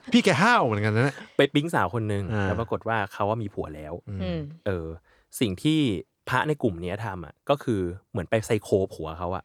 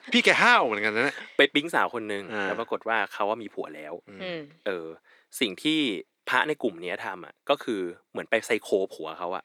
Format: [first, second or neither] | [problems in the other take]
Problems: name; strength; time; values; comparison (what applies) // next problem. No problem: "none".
first | thin; somewhat; fading below 250 Hz